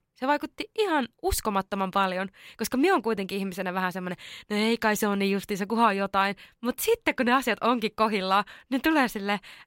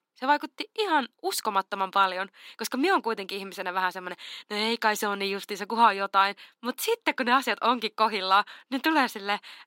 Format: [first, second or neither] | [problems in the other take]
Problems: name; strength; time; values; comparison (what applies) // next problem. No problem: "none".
first | thin; very slightly; fading below 250 Hz